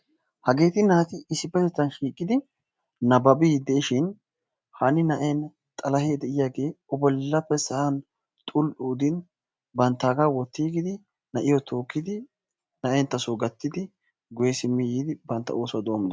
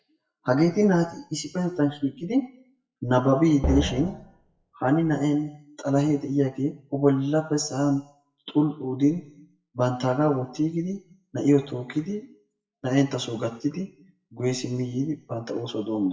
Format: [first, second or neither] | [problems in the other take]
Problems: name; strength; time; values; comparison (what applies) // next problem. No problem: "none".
first | noise reduction (classical method WPE with log-MMSE)